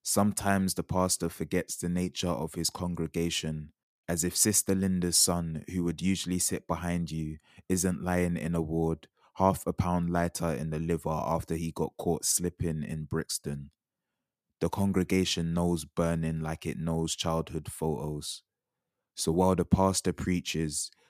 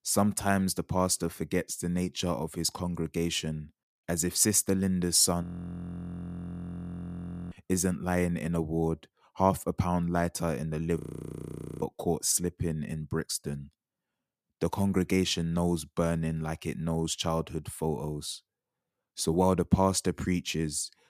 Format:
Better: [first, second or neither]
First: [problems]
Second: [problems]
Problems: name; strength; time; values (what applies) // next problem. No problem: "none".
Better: first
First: none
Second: audio freezing; at 5.5 s for 2 s and at 11 s for 1 s